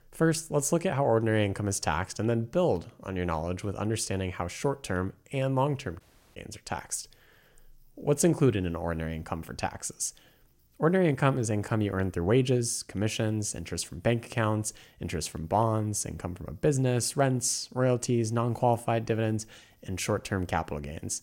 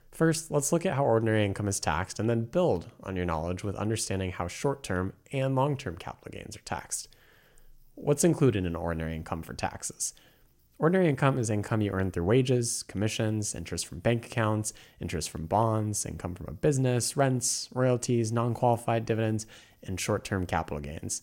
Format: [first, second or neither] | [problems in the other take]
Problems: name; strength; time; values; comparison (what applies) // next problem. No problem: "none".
second | audio cutting out; at 6 s